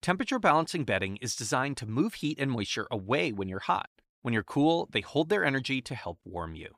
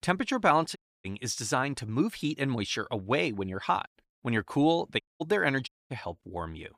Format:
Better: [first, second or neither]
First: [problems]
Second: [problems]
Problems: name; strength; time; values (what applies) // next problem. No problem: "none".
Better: first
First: none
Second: audio cutting out; at 1 s, at 5 s and at 5.5 s